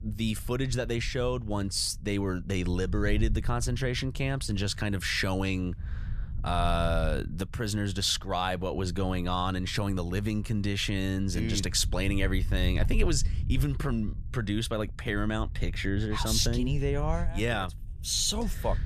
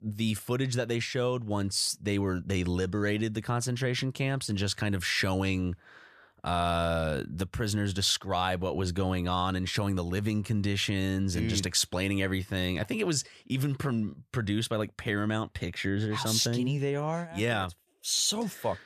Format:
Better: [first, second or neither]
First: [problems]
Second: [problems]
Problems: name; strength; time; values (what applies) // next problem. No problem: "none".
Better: second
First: low rumble; faint; throughout; 20 dB below the speech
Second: none